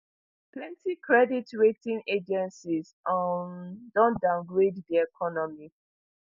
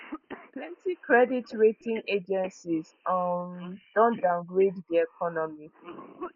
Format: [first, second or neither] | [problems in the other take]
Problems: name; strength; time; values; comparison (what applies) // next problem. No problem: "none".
first | noise reduction (neural mask model Resemble Enhance denoiser)